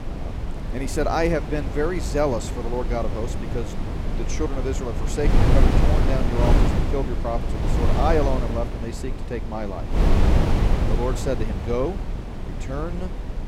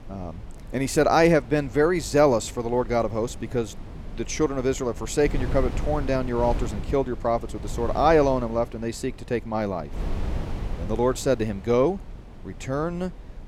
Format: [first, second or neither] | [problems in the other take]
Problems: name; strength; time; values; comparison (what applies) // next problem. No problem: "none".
second | wind noise on the microphone; heavy; 4 dB below the speech; occasional gusts in the second